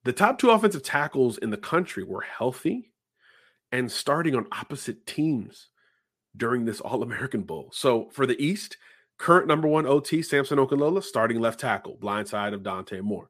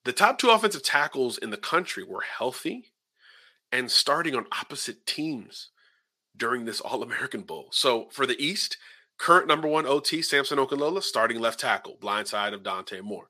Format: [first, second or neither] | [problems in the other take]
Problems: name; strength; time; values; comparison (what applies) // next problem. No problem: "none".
first | thin; somewhat; fading below 750 Hz